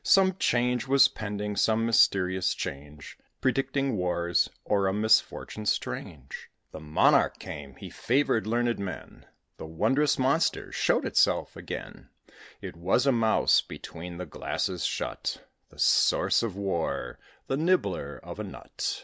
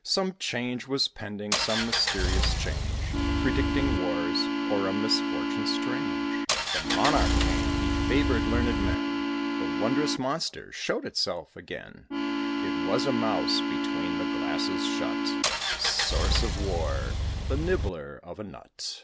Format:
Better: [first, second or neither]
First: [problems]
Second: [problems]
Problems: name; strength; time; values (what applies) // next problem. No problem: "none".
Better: first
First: none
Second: background sound (Engine + Organ); 4 dB above the speech